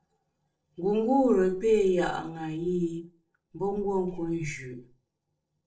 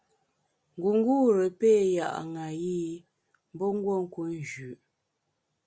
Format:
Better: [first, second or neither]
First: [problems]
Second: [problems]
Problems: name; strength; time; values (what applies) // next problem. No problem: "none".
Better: second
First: noise reduction (neural separator model SepFormer DNS4)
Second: none